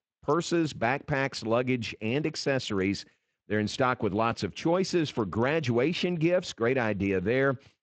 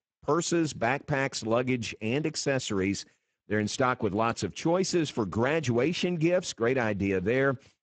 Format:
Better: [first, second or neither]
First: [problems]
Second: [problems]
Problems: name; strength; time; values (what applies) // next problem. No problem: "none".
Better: first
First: garbled, watery; slightly; nothing above 7.5 kHz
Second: garbled, watery; badly; nothing above 8 kHz